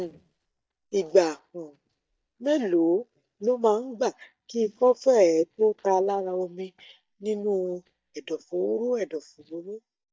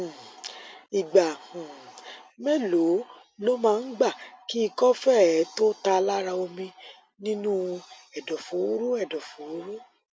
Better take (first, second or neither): second